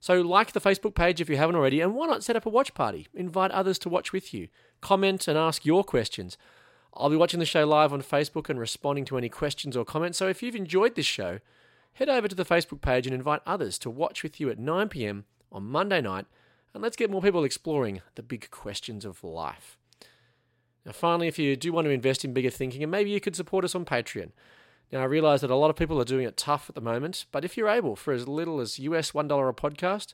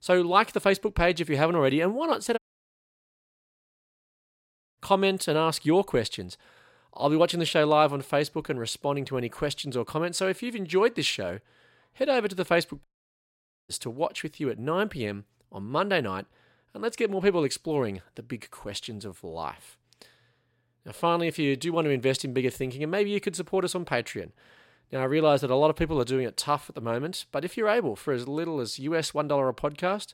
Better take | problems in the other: first | audio cutting out; at 2.5 s for 2.5 s and at 13 s for 1 s

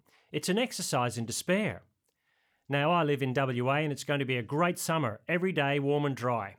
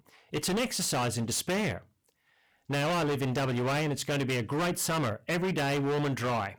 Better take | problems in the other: first | distortion; heavy; 28% of the sound clipped

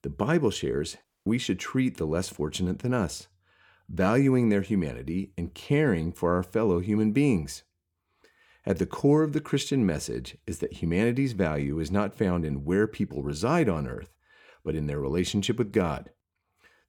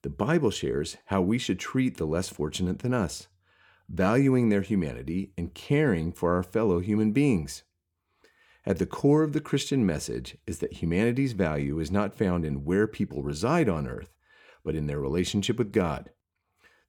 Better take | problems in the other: second | audio cutting out; at 1 s

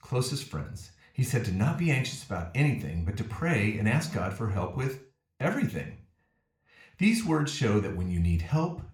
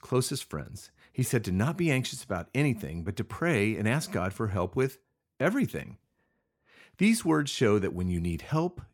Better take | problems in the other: second | room echo; slight; dies away in 0.4 s

